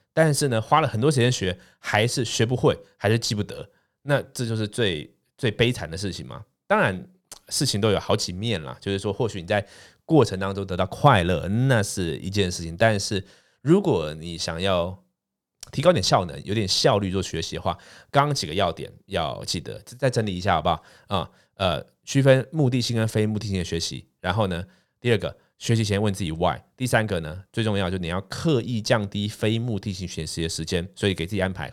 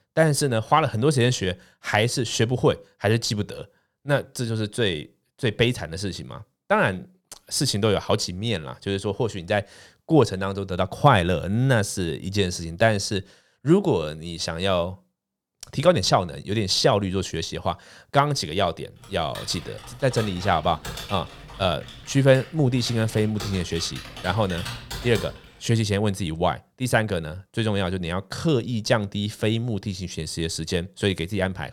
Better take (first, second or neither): first